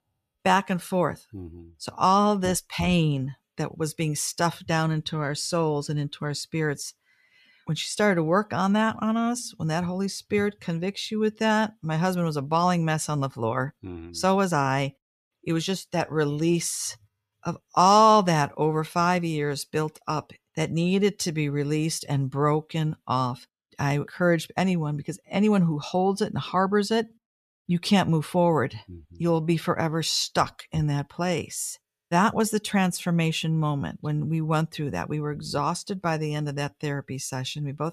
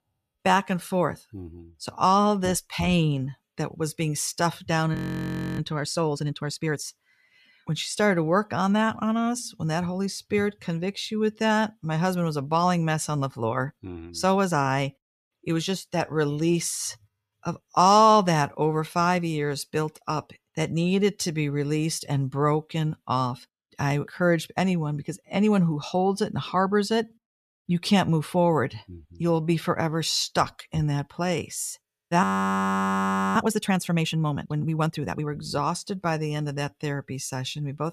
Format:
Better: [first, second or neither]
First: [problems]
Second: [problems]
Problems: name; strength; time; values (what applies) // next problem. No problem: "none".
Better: first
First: none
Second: audio freezing; at 5 s for 0.5 s and at 32 s for 1 s